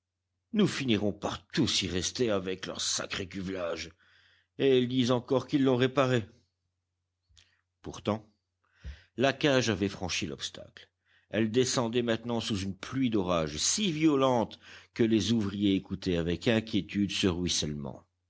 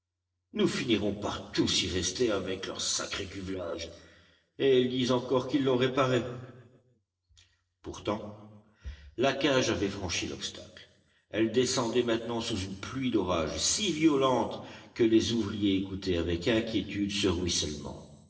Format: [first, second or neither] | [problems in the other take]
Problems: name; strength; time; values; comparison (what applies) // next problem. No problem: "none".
first | noise reduction (neural separator model SepFormer DNS4)